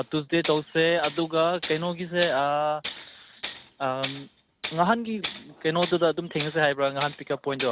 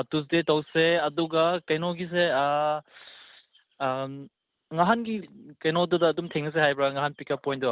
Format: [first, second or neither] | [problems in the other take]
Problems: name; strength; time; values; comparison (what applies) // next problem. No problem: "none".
second | background sound (Tools); 13 dB below the speech